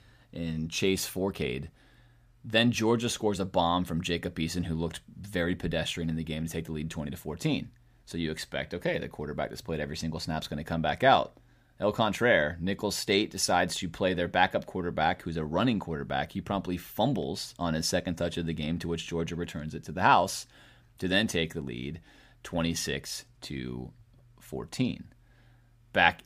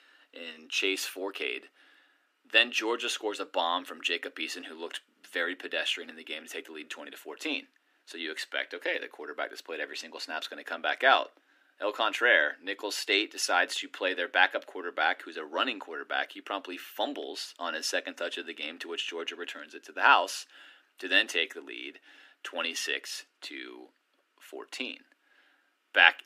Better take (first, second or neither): first